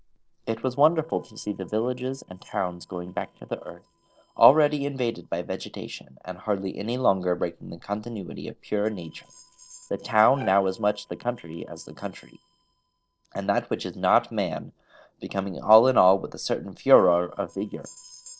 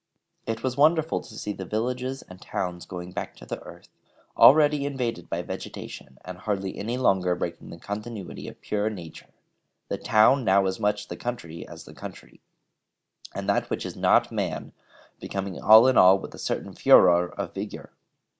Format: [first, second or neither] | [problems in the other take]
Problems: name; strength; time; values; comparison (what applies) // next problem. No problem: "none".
second | noise reduction (neural separator model SepFormer DNS4)